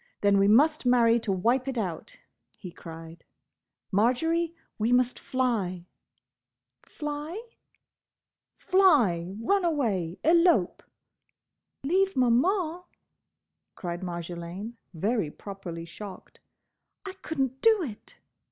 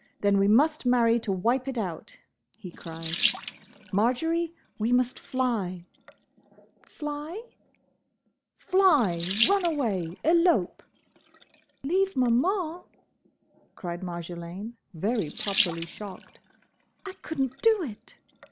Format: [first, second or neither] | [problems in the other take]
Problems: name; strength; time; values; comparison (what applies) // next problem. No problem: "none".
first | background sound (Sink (filling or washing) / Water tap, faucet); 12 dB below the speech